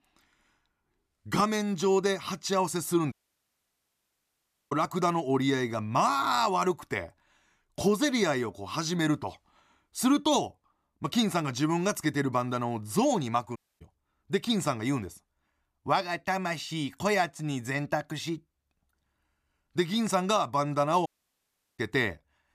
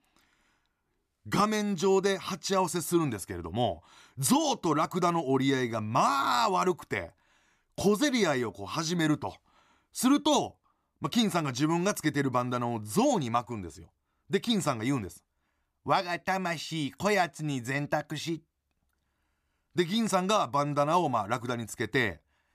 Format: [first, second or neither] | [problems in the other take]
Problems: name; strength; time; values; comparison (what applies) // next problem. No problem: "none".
second | audio cutting out; at 3 s for 1.5 s, at 14 s and at 21 s for 0.5 s